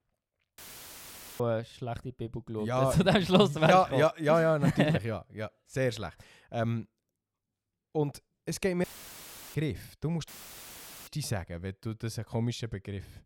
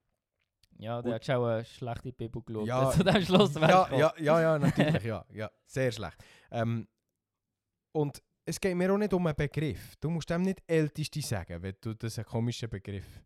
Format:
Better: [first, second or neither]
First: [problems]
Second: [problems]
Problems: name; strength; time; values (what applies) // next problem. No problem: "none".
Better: second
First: audio cutting out; filled with static; at 0.5 s for 1 s, at 9 s for 0.5 s and at 10 s for 1 s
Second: none